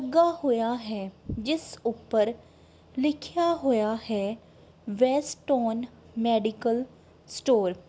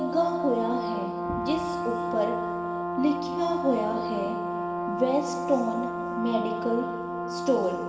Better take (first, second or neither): first